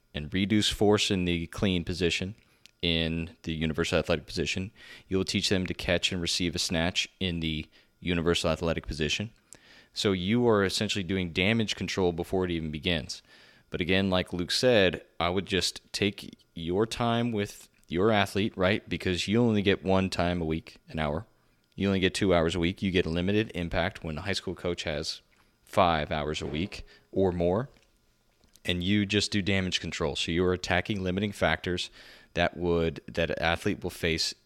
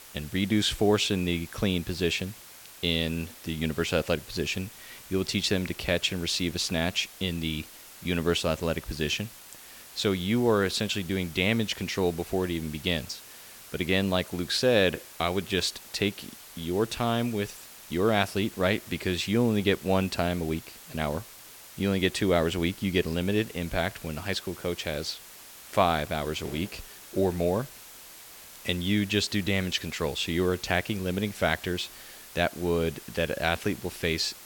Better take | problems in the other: first | hiss; noticeable; throughout; 15 dB below the speech

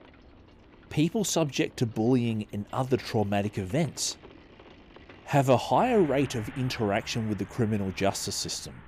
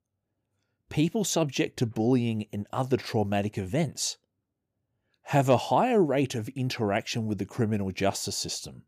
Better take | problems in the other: second | traffic noise; faint; throughout; 20 dB below the speech

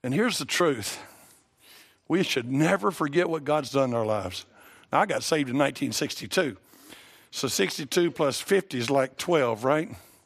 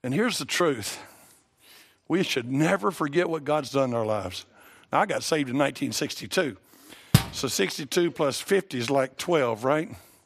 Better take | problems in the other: first | door banging; loud; at 7 s; peak 2 dB above the speech

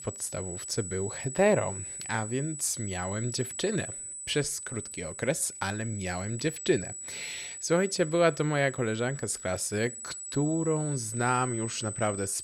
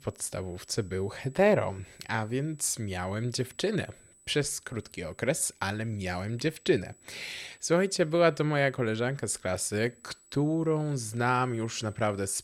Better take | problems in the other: second | high-pitched whine; loud; throughout; 8 kHz, 8 dB below the speech; faint in the second

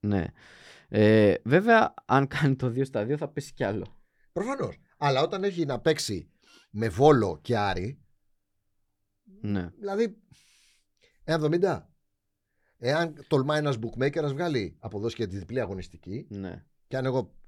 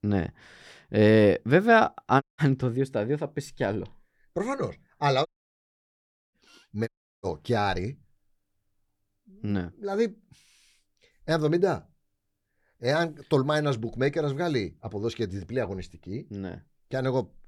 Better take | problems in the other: first | audio cutting out; at 2 s, at 5.5 s for 1 s and at 7 s

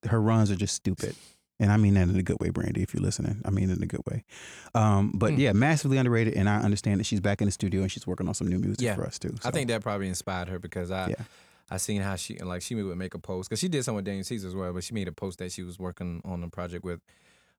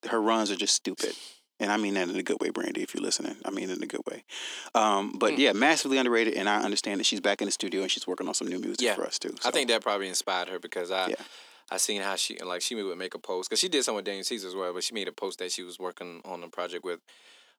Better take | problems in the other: first | thin; somewhat; fading below 250 Hz

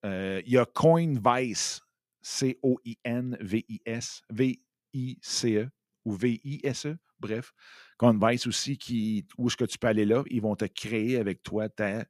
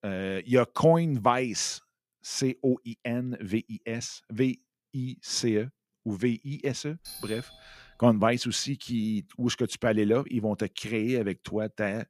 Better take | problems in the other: first | doorbell; faint; at 7 s; peak 10 dB below the speech

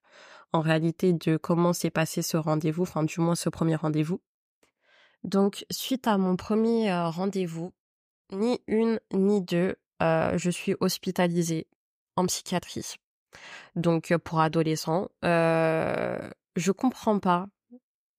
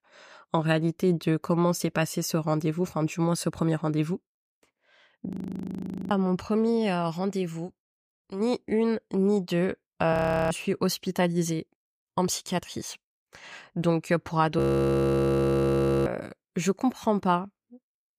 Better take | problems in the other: first | audio freezing; at 5.5 s for 1 s, at 10 s and at 15 s for 1.5 s

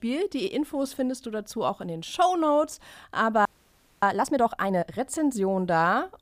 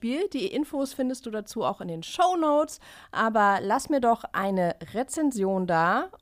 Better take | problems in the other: second | audio freezing; at 3.5 s for 0.5 s

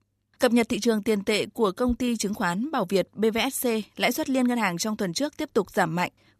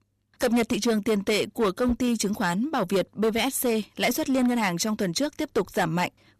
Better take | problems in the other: first | distortion; slight; 9% of the sound clipped

